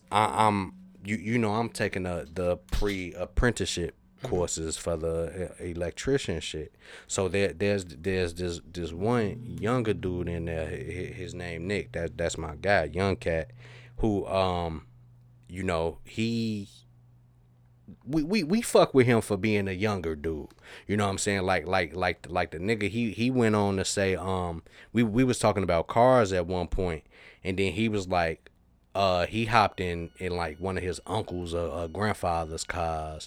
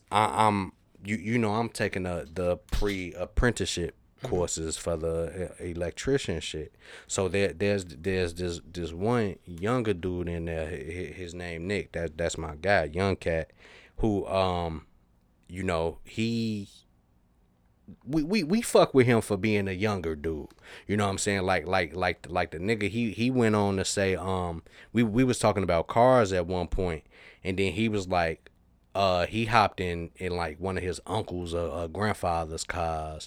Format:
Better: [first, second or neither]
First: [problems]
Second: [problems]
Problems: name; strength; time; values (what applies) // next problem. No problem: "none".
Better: second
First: background music; faint; throughout; 20 dB below the speech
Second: none